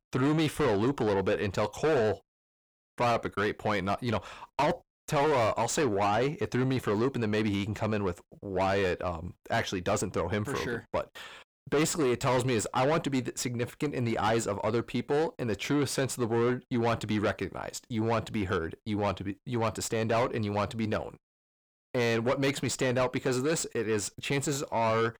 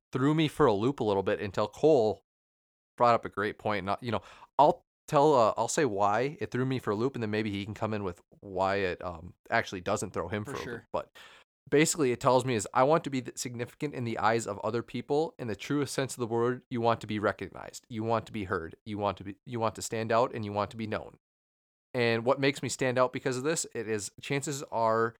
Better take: second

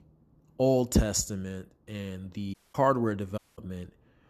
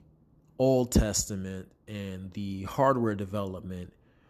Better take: second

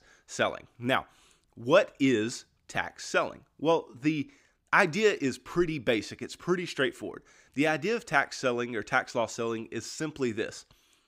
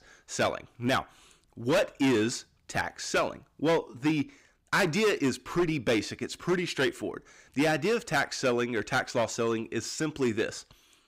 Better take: first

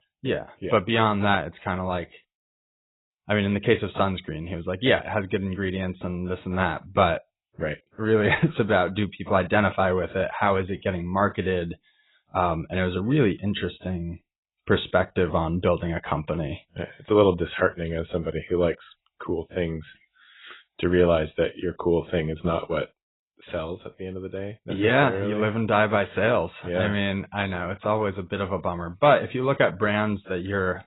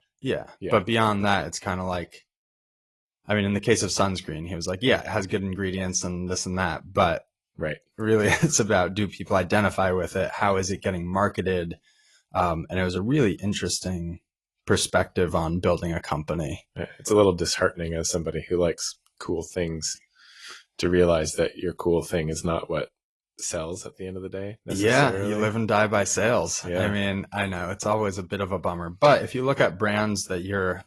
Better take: second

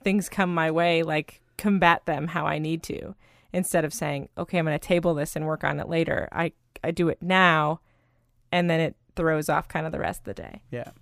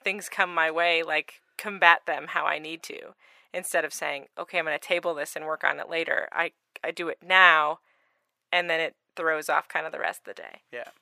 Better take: first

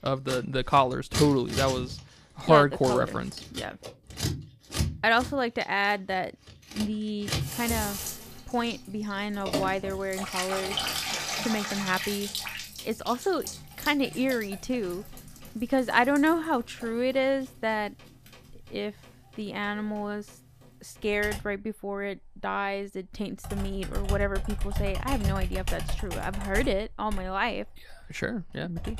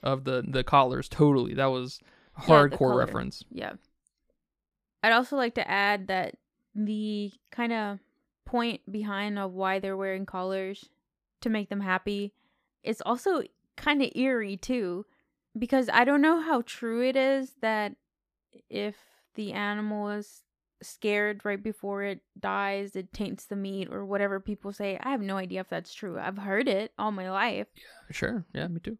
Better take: second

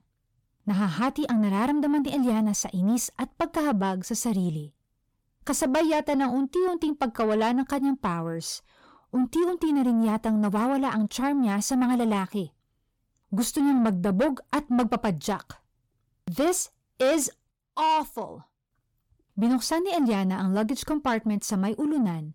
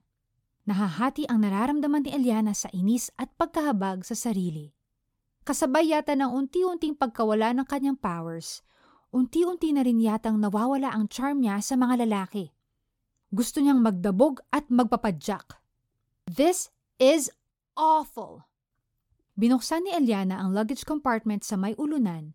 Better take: second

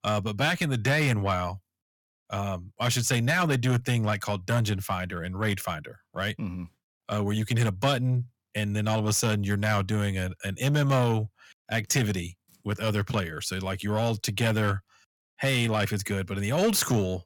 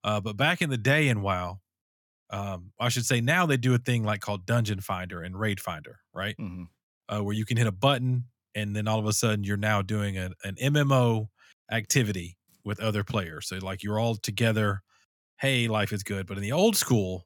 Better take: second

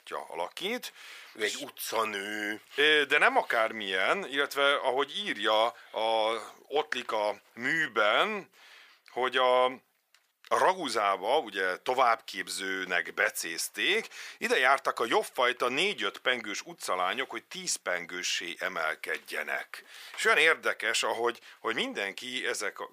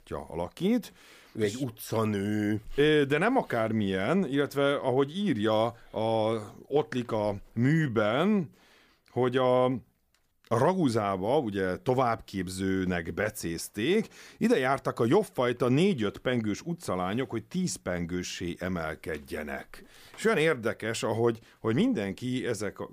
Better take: second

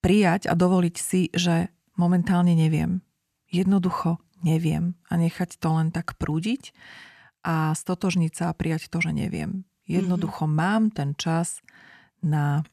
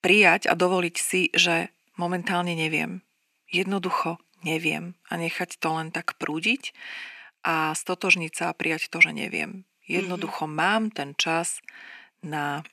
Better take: first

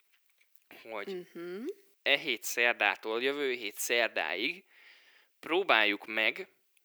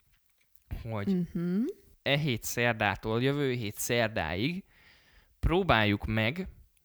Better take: second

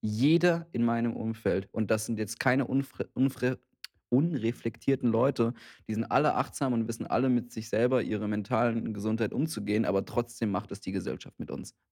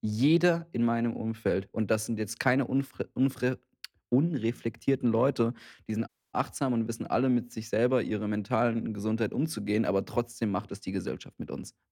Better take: first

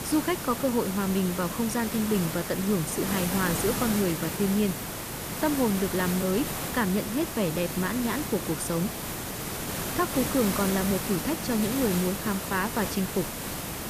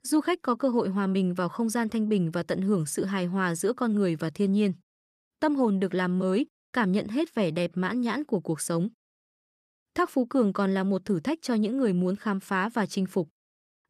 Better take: second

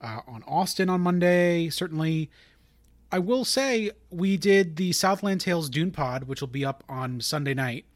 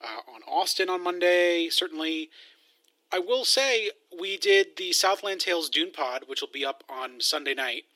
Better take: first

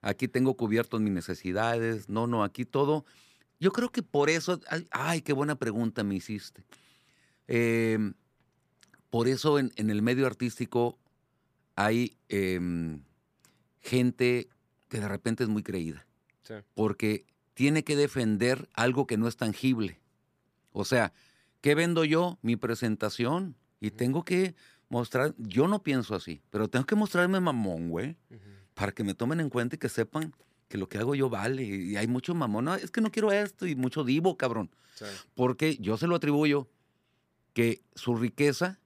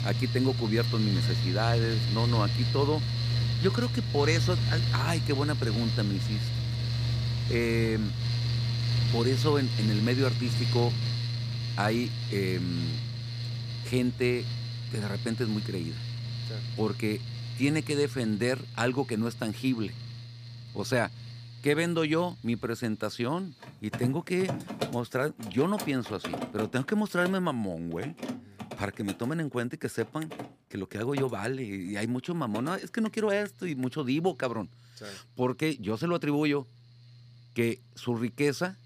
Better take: first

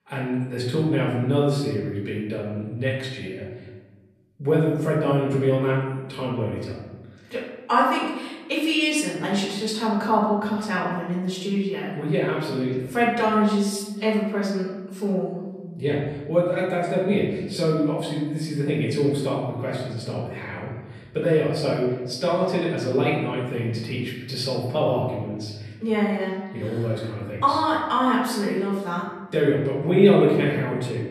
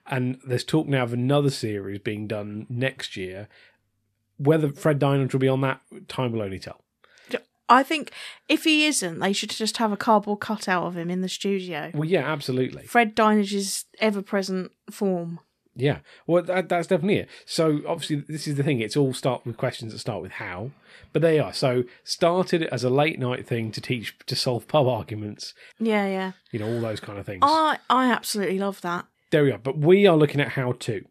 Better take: second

